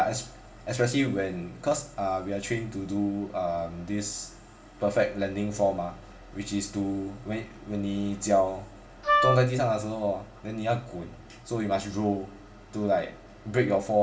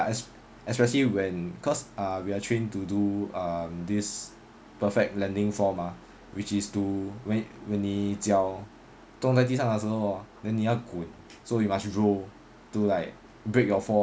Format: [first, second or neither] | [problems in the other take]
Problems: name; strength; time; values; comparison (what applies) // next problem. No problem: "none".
second | background sound (Wind instrument, woodwind instrument); 3 dB above the speech // room echo; dies away in 1.3 s